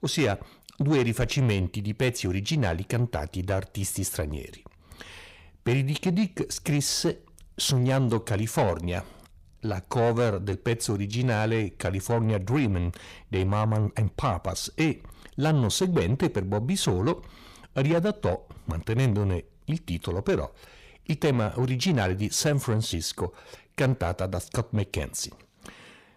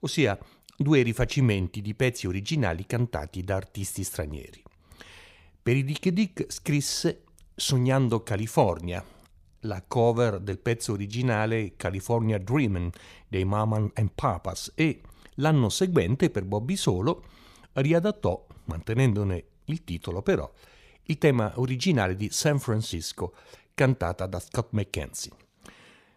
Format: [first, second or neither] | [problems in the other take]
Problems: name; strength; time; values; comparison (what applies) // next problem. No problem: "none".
second | distortion; slight; 10 dB below the speech